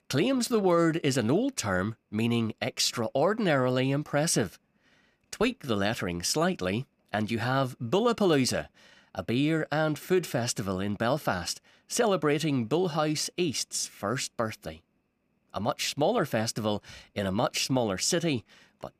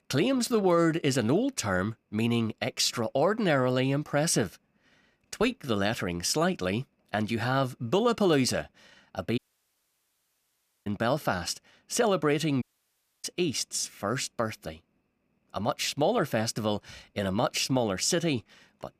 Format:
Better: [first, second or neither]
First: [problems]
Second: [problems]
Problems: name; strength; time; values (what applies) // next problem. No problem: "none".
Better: first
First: none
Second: audio cutting out; at 9.5 s for 1.5 s and at 13 s for 0.5 s